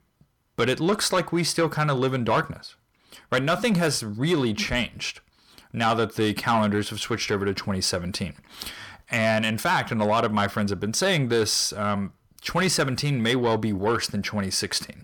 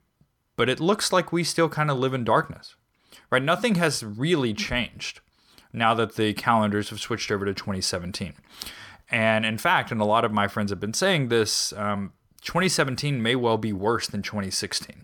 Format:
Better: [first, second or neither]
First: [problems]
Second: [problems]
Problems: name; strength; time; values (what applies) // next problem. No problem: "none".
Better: second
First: distortion; slight; 10 dB below the speech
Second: none